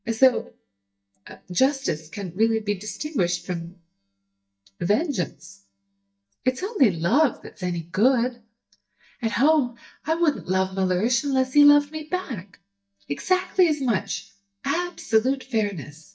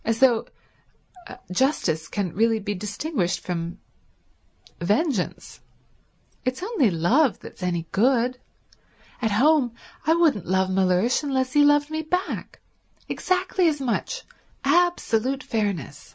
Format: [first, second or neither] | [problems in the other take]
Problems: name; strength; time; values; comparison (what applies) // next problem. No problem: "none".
second | noise reduction (neural mask model DeepFilterNet 3)